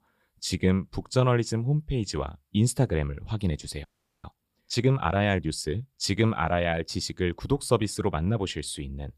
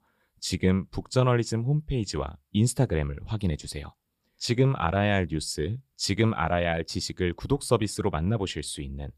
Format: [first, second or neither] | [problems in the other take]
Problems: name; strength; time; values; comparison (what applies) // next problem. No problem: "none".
second | audio freezing; at 4 s